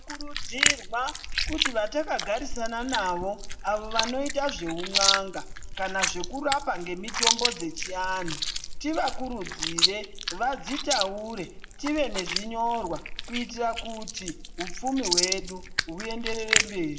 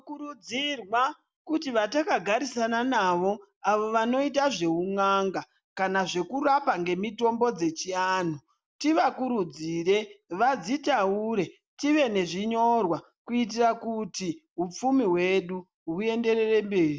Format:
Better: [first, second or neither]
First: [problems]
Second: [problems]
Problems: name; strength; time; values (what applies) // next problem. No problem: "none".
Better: second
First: background sound (Chewing, mastication); 1 dB above the speech // room echo; dies away in 0.6 s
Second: none